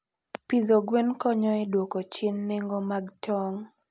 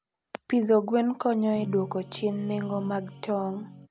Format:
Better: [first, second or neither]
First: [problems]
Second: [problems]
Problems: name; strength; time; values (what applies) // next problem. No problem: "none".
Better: first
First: none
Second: background sound (Guitar); 14 dB below the speech